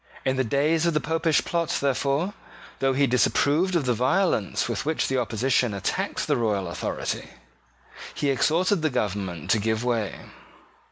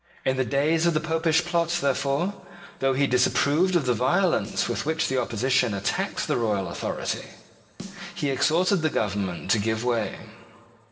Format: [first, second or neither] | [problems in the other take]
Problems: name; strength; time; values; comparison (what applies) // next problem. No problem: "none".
first | noise reduction (neural separator model SepFormer DNS4)